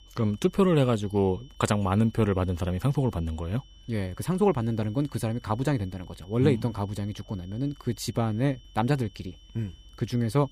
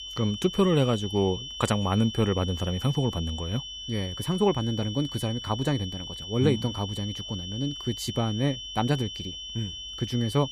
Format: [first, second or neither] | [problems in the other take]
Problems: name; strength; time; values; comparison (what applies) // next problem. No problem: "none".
first | high-pitched whine; loud; throughout; 3 kHz, 8 dB below the speech; faint in the first